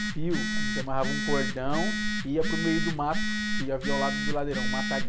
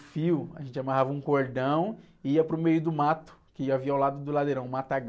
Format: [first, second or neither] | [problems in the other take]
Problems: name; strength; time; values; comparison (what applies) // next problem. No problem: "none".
second | background sound (Telephone); 3 dB above the speech